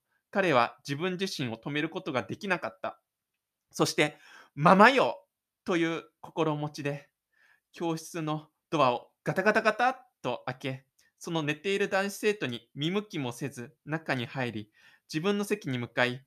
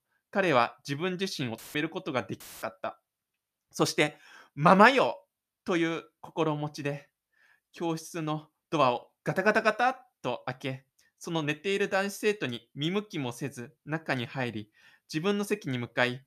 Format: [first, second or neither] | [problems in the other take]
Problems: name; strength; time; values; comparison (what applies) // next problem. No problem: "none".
first | audio cutting out; filled with static; at 1.5 s and at 2.5 s